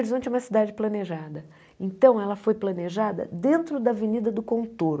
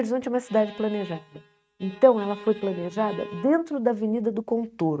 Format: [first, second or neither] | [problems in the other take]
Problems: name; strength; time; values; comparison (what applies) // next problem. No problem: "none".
first | noise reduction (neural mask model RNNoise)